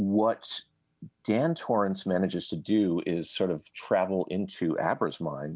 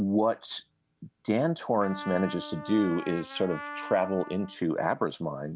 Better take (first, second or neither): first